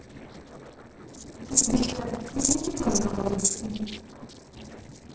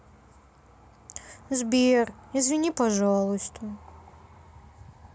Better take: second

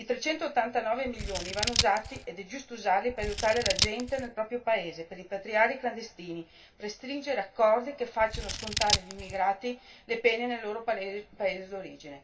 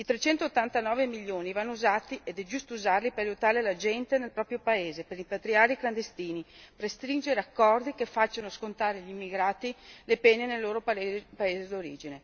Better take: second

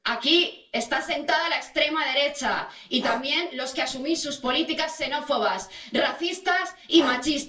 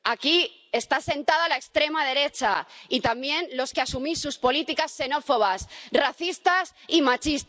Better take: second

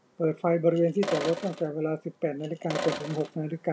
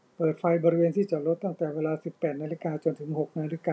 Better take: second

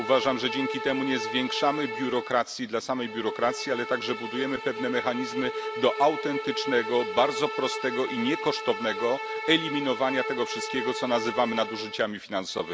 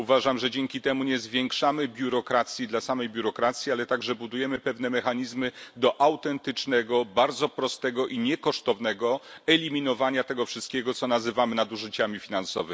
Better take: second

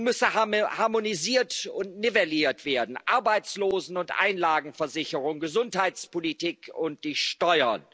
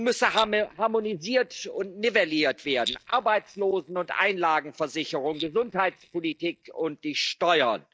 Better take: first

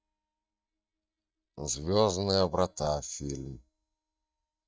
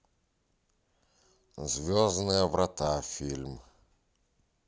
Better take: second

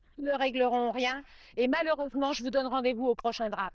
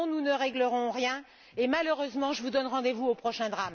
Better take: second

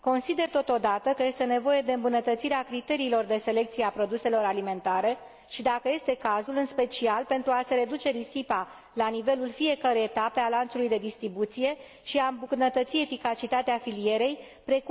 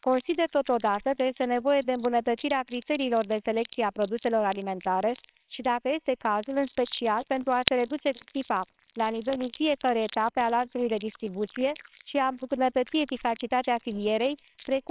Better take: first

